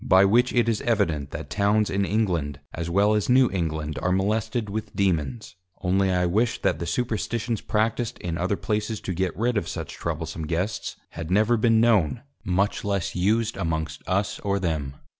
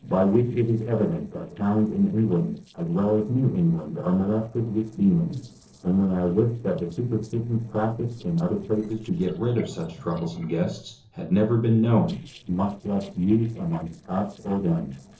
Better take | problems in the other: first | noise reduction (neural separator model SepFormer DNS4)

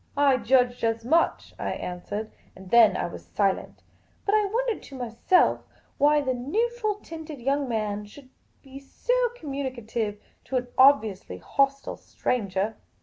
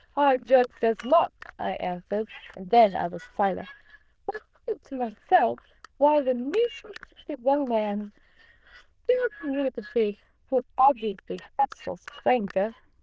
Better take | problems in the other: first | noise reduction (neural diffusion model UNIVERSE++)

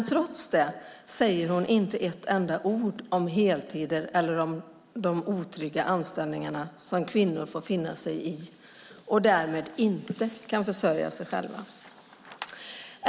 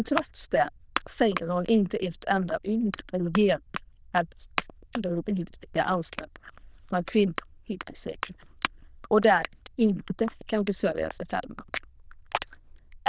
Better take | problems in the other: first | noise reduction (neural diffusion model UNIVERSE++)

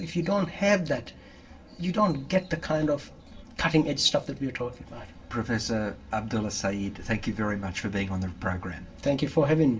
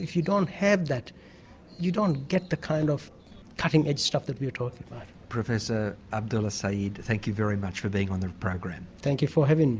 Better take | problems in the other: second | room echo; dies away in 0.2 s

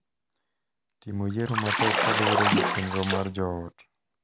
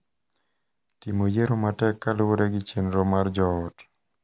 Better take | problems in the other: second | background sound (Bathtub (filling or washing) / Splash, splatter); 5 dB above the speech

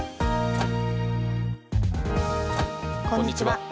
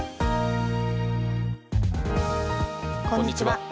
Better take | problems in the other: second | background sound (Microwave oven); 14 dB below the speech

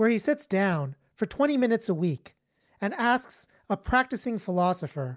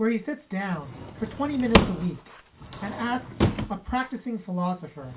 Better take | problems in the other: first | background sound (Drawer open or close / Wood); as loud as the speech // room echo; dies away in 0.2 s

